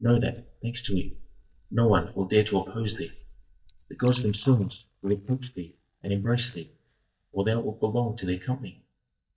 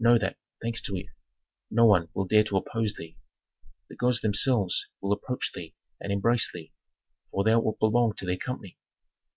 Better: second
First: noise reduction (neural mask model DeepFilterNet 3)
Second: none

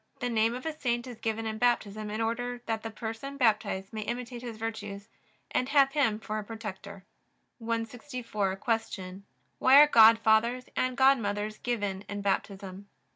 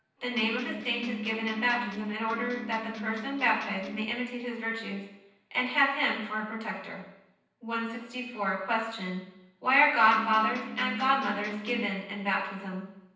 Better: first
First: none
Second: noise reduction (neural separator model SepFormer DNS4)

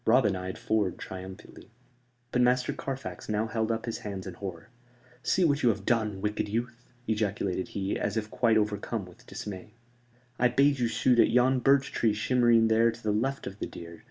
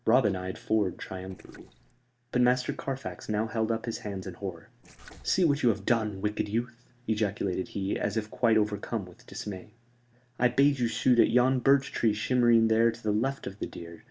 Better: first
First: none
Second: noise reduction (neural separator model SepFormer DNS4)

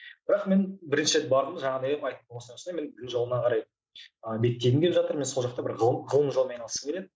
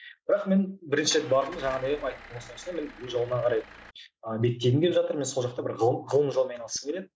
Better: first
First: none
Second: background sound (Engine starting / Car); 17 dB below the speech

